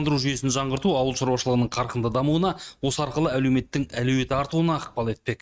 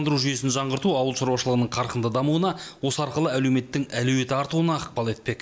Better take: second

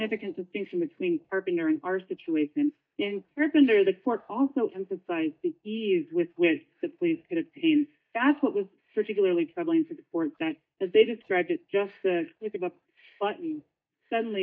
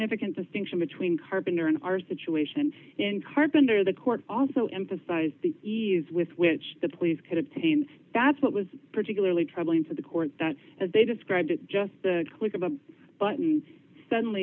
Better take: second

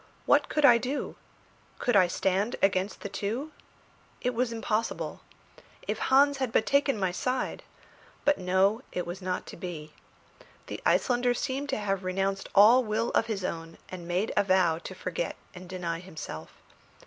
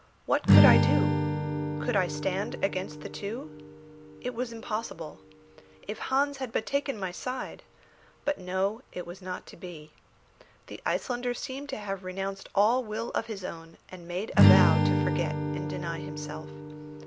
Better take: first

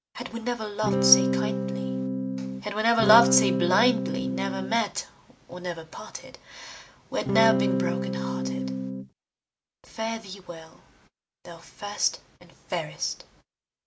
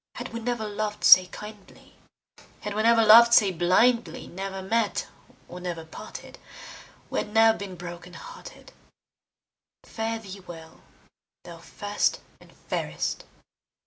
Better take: second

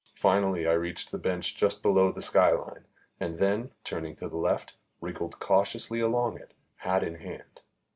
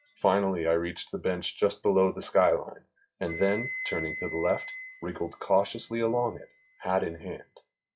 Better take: first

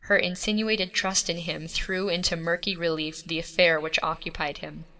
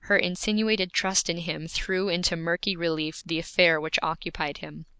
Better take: second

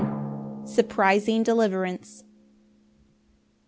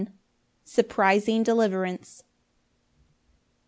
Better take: second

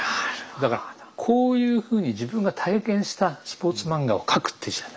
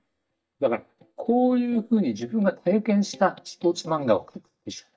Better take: first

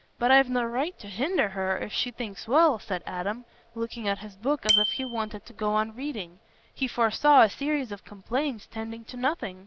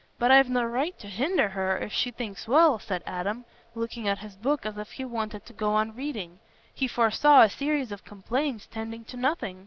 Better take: second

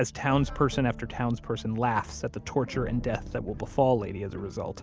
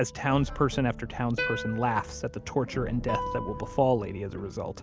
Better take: first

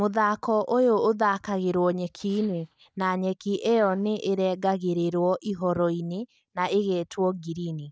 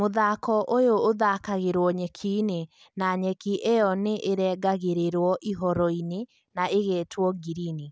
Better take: second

